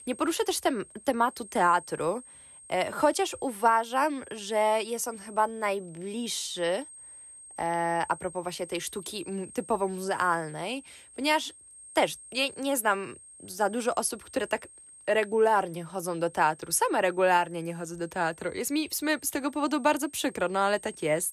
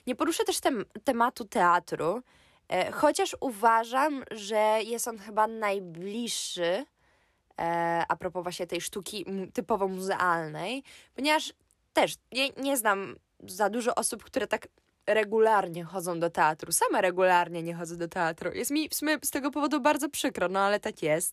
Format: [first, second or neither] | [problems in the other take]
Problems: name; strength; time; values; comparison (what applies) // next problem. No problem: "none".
second | high-pitched whine; noticeable; throughout; 8.5 kHz, 20 dB below the speech